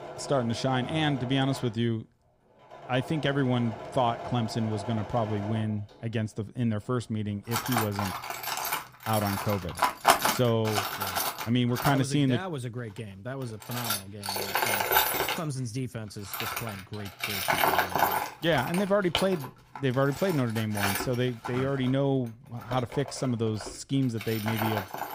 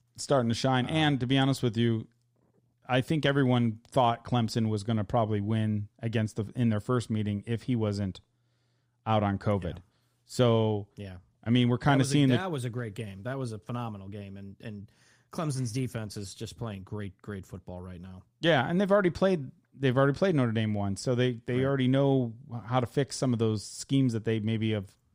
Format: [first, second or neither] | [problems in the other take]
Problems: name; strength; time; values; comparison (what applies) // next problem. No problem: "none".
second | machinery noise; loud; throughout; 1 dB below the speech